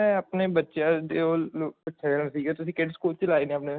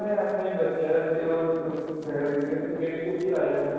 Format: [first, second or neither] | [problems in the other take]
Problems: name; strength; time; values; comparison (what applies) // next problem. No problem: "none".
first | noise reduction (neural separator model SepFormer DNS4)